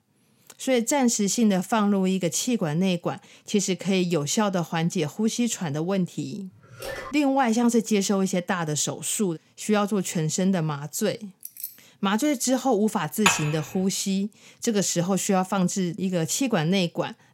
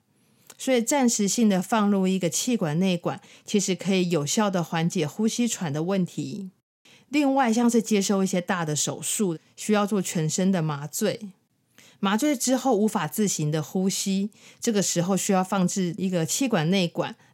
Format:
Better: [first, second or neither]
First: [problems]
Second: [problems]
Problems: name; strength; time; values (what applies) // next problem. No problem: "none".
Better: second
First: phone ringing; faint; at 6.5 s; peak 10 dB below the speech // jangling keys; faint; at 11 s; peak 10 dB below the speech // clattering dishes; loud; at 13 s; peak 2 dB above the speech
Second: none